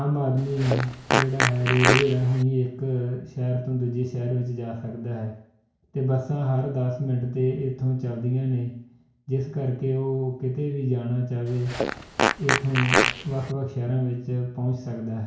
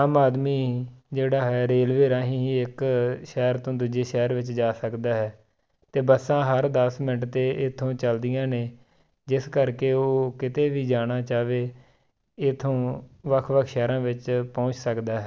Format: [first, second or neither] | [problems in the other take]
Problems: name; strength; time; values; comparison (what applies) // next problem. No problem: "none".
second | background sound (Fart); 1 dB above the speech // room echo; dies away in 0.6 s